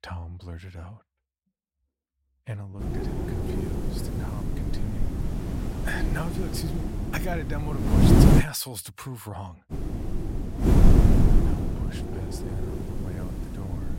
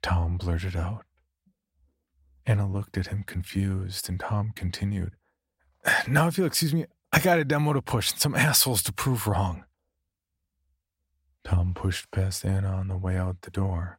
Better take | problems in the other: second | wind noise on the microphone; heavy; from 3 to 8.5 s and from 9.5 s on; 5 dB above the speech

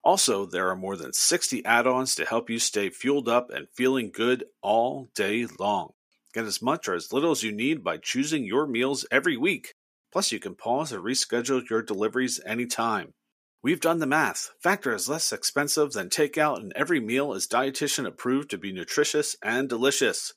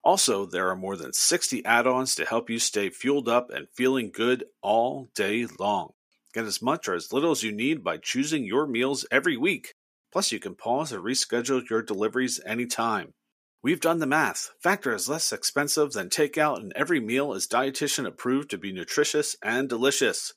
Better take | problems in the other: neither | thin; somewhat; fading below 400 Hz; the same in both

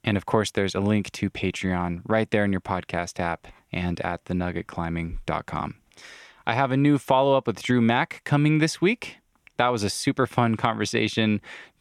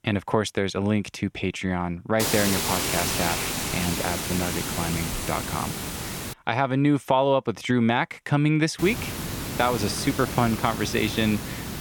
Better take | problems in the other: first | hiss; loud; from 2 to 6.5 s and from 9 s on; 3 dB below the speech

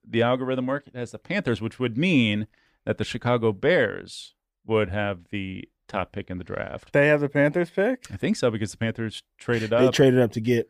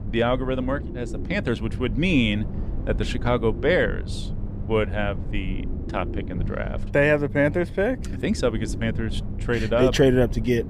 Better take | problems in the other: first | low rumble; noticeable; throughout; 15 dB below the speech

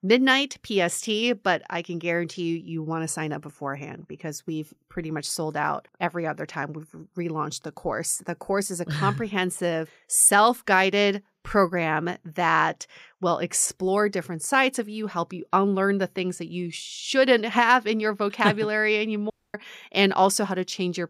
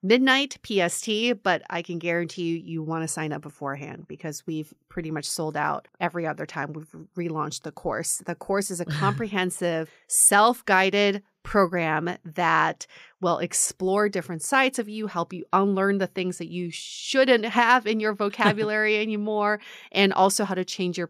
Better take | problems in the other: second | audio cutting out; at 19 s

